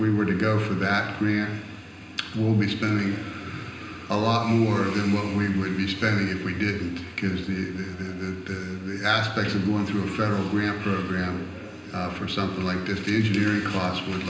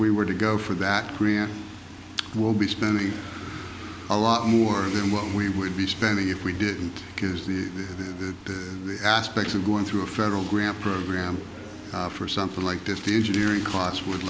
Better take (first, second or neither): second